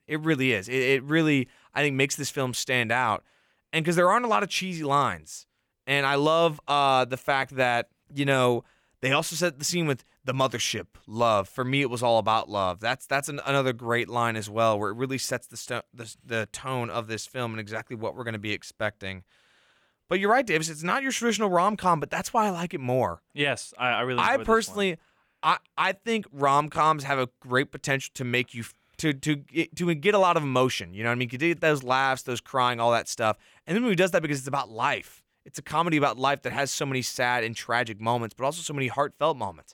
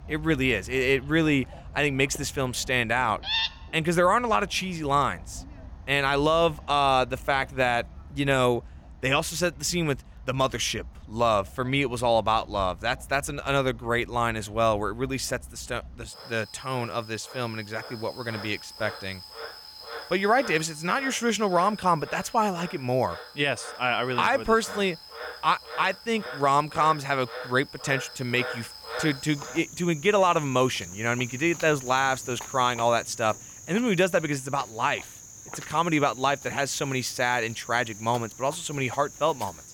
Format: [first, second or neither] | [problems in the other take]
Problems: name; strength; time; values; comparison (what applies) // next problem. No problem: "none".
first | animal sounds; noticeable; throughout; 15 dB below the speech